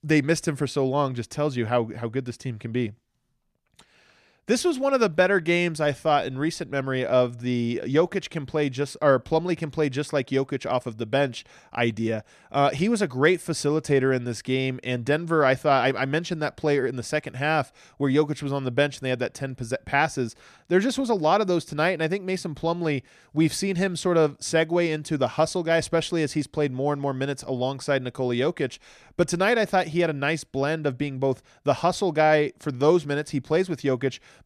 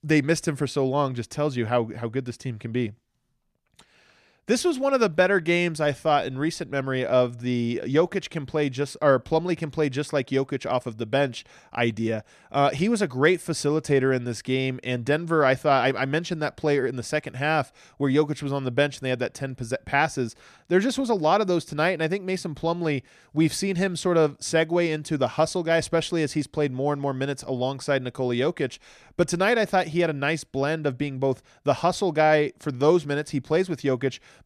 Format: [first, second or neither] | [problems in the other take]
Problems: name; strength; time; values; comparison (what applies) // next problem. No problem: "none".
neither | none